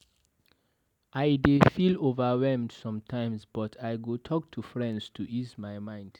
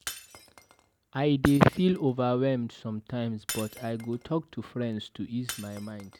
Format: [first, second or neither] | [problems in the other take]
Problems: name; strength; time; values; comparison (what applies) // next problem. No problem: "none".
first | background sound (Shatter); 17 dB below the speech